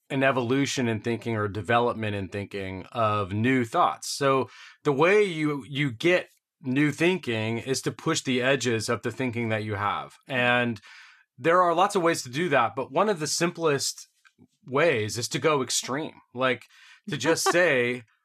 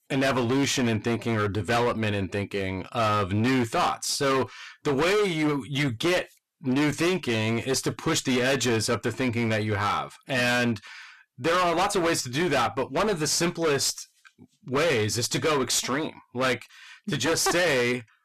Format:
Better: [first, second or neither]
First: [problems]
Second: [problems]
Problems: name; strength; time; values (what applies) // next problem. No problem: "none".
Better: first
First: none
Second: distortion; heavy; 20% of the sound clipped